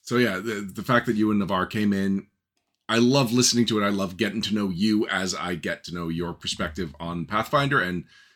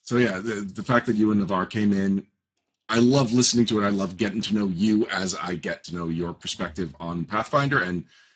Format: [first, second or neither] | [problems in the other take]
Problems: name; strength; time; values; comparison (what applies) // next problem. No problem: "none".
first | garbled, watery; badly; nothing above 7.5 kHz